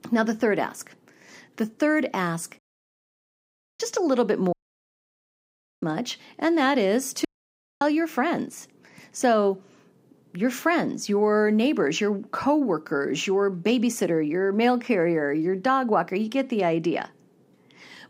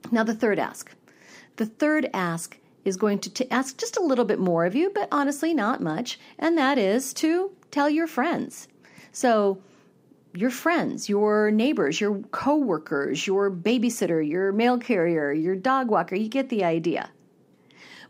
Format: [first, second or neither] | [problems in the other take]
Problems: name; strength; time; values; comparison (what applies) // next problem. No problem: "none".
second | audio cutting out; at 2.5 s for 1 s, at 4.5 s for 1.5 s and at 7.5 s for 0.5 s